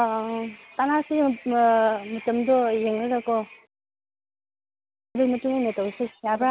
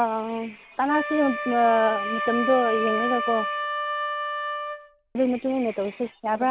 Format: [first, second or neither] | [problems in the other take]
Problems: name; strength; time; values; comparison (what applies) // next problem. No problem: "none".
first | background sound (Wind instrument, woodwind instrument); 5 dB below the speech